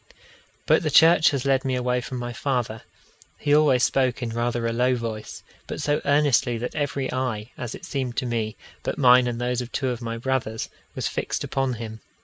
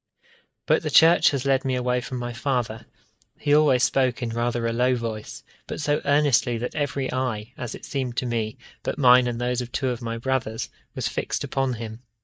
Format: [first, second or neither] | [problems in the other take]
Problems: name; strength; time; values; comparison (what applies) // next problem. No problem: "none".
first | noise reduction (neural mask model DeepFilterNet 3)